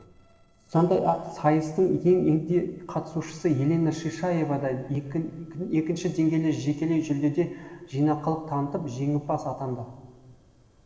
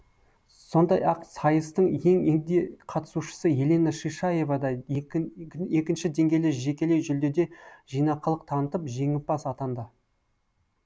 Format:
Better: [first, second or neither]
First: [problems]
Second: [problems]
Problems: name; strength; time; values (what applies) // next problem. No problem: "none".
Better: second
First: noise reduction (neural separator model SepFormer DNS4)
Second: none